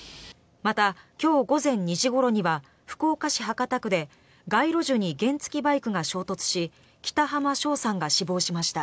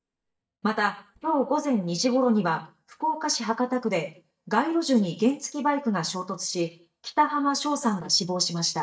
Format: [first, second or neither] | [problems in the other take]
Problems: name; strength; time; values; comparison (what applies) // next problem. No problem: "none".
first | noise reduction (neural mask model DeepFilterNet 3)